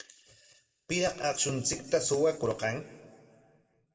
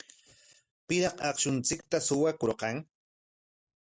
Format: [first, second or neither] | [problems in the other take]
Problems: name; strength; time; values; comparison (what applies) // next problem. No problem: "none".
second | room echo; dies away in 1.5 s